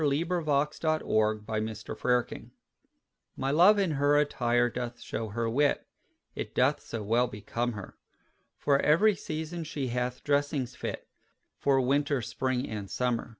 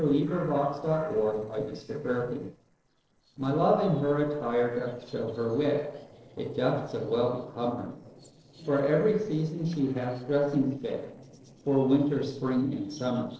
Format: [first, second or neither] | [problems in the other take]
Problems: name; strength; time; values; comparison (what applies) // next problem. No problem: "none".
first | noise reduction (neural separator model SepFormer DNS4)